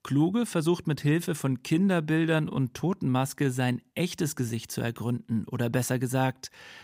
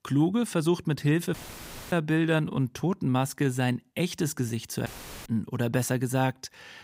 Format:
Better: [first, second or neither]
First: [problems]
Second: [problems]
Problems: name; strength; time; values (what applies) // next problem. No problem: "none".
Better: first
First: none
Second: audio cutting out; filled with static; at 1.5 s for 0.5 s and at 5 s